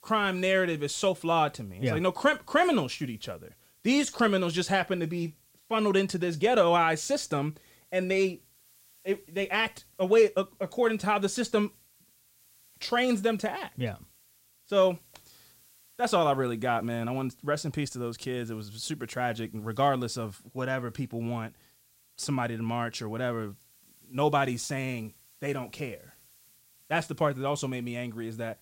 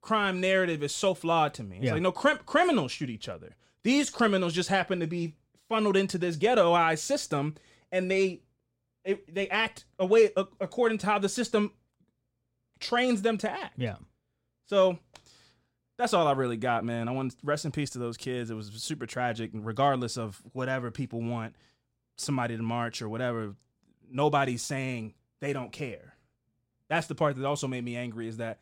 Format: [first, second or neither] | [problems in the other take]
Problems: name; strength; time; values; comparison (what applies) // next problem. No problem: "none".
second | hiss; faint; throughout; 30 dB below the speech